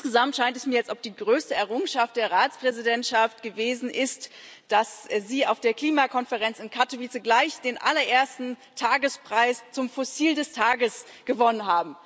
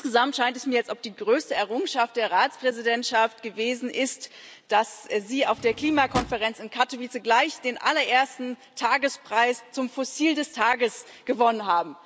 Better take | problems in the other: first | background sound (Drawer open or close); 11 dB below the speech

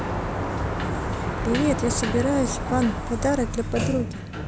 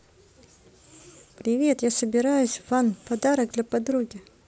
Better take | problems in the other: second | background sound (Sliding door); 1 dB below the speech

